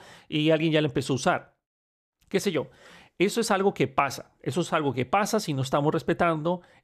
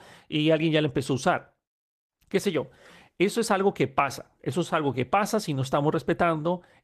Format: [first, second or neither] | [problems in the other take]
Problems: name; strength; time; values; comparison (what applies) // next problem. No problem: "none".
first | garbled, watery; slightly; nothing above 14 kHz